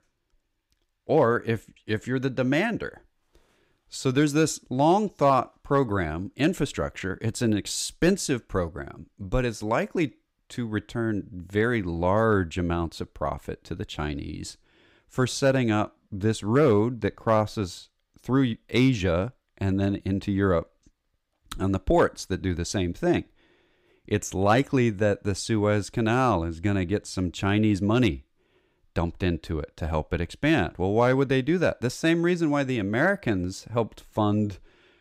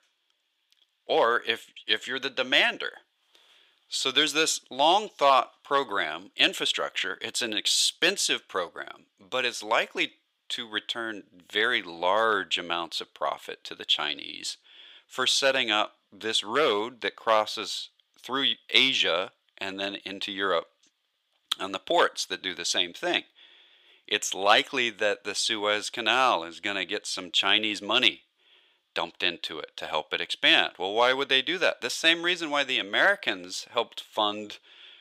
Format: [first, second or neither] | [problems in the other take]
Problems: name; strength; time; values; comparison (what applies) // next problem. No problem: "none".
first | thin; very; fading below 650 Hz